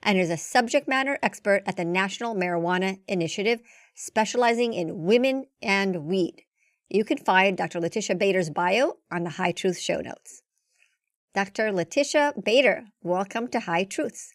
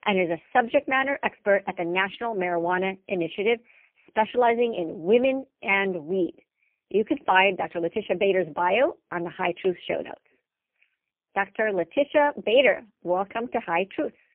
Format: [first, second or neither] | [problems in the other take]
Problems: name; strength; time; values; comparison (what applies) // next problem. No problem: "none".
first | phone-call audio; poor line; nothing above 3 kHz